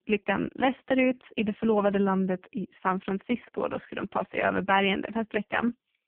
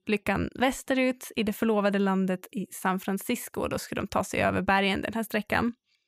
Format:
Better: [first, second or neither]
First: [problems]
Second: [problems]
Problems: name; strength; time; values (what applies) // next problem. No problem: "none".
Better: second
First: phone-call audio; poor line; nothing above 3 kHz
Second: none